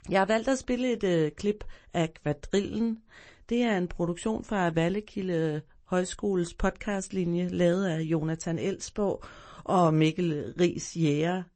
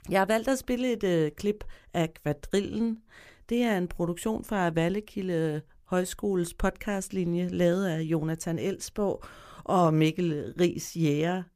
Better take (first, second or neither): second